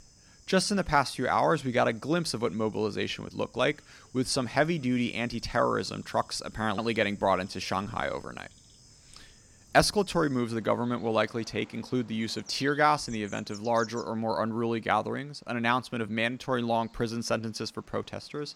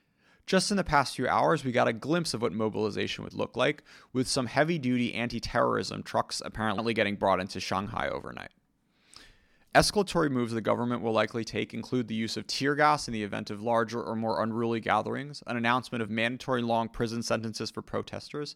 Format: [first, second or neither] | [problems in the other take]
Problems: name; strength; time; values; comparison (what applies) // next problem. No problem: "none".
second | animal sounds; faint; throughout; 25 dB below the speech